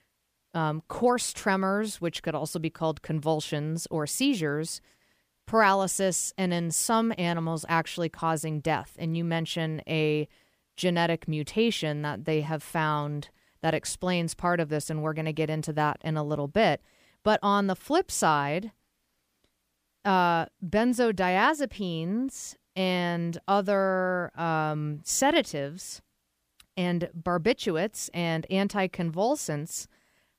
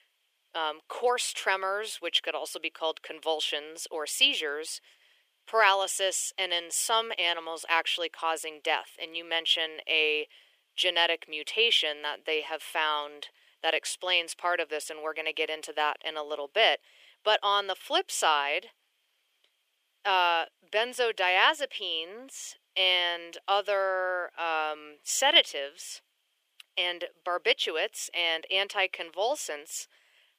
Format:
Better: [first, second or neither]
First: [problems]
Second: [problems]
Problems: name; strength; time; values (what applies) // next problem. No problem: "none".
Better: first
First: none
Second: thin; very; fading below 400 Hz